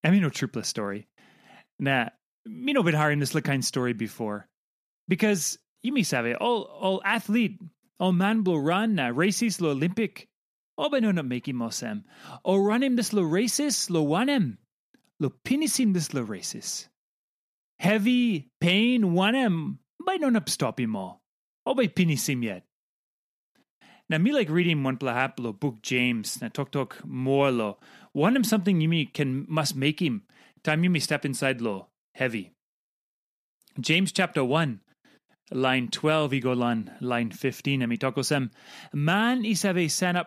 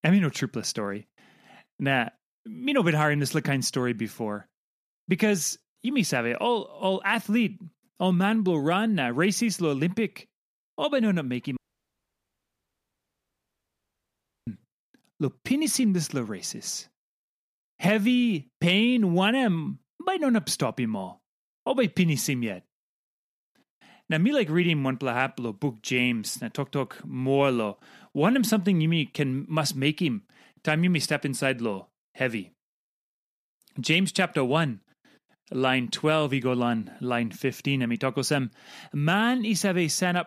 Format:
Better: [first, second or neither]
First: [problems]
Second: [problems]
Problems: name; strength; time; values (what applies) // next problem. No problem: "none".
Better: first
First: none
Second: audio cutting out; at 12 s for 3 s